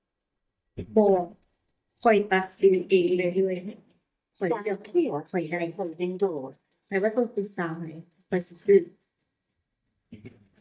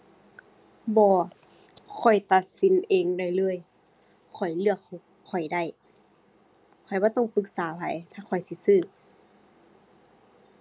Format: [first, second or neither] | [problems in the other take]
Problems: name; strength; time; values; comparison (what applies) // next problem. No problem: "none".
second | noise reduction (neural mask model DeepFilterNet 3)